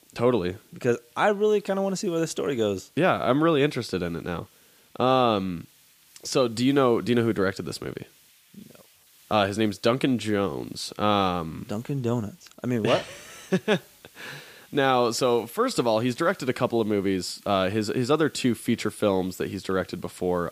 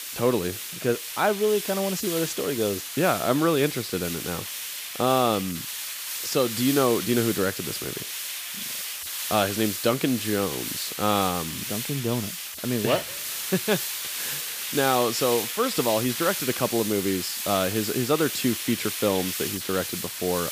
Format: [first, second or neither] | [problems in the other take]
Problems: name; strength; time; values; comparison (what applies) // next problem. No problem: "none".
first | hiss; loud; throughout; 4 dB below the speech; faint in the first